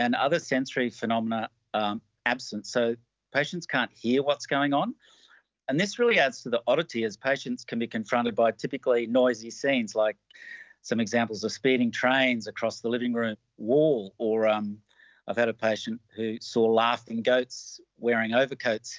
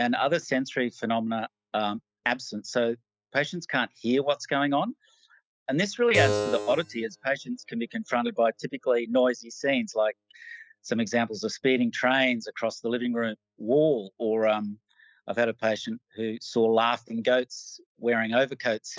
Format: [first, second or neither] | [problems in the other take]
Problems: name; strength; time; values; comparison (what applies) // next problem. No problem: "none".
first | noise reduction (classical method spectral subtraction)